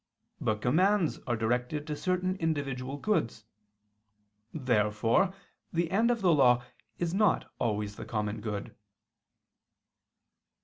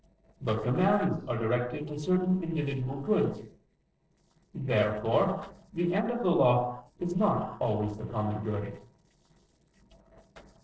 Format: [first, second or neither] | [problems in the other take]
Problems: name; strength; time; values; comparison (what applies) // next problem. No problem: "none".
first | noise reduction (neural separator model SepFormer DNS4)